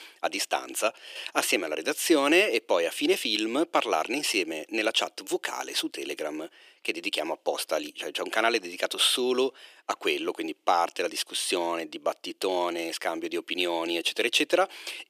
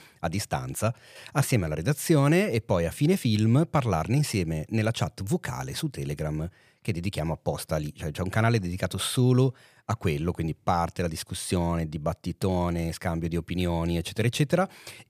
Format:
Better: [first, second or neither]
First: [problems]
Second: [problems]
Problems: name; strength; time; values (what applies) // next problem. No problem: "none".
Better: second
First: thin; very; fading below 300 Hz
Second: none